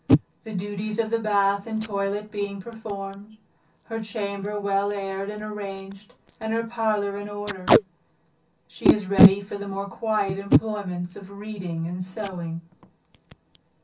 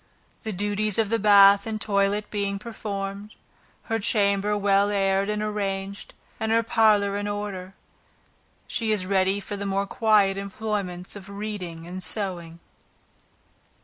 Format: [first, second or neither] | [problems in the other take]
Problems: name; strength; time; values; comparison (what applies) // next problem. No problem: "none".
second | background sound (Packing tape, duct tape); 1 dB above the speech // room echo; dies away in 0.3 s